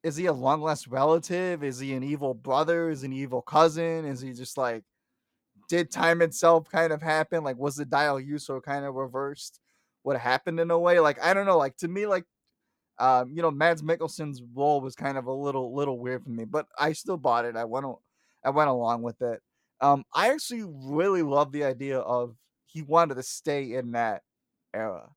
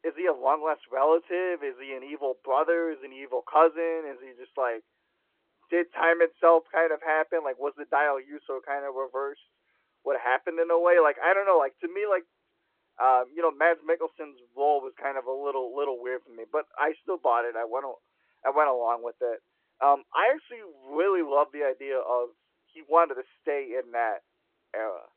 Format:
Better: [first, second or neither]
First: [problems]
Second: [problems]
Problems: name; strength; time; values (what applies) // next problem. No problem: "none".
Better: first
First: none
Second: phone-call audio